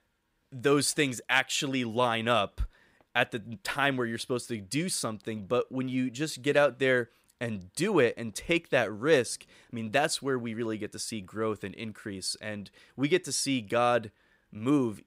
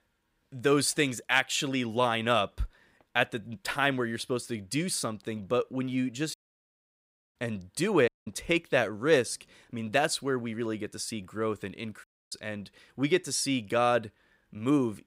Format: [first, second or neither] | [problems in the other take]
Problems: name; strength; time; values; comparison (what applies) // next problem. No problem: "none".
first | audio cutting out; at 6.5 s for 1 s, at 8 s and at 12 s